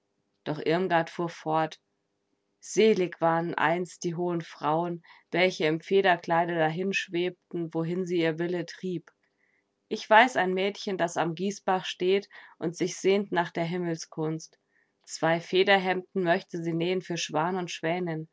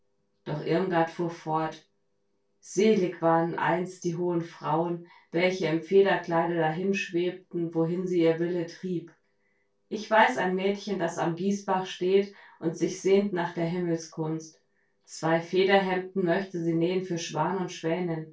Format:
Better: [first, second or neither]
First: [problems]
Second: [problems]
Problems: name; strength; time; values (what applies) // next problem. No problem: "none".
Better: first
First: none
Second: room echo; dies away in 0.2 s